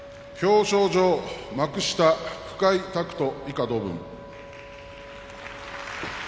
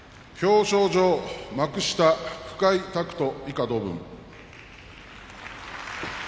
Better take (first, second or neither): second